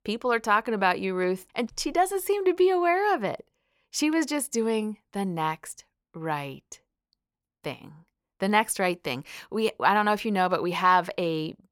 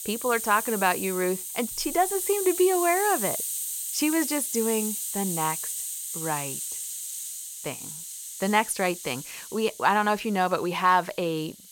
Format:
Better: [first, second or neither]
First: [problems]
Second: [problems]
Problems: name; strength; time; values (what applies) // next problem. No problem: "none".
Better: first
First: none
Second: hiss; loud; throughout; 5 dB below the speech